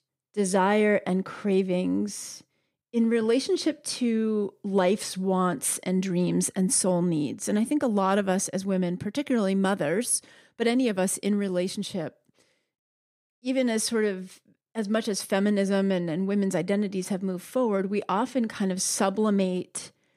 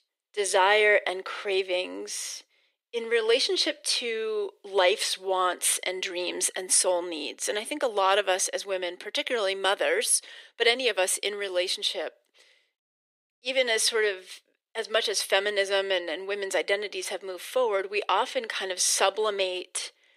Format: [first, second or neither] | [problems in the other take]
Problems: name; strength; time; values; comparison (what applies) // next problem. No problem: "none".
first | thin; very; fading below 400 Hz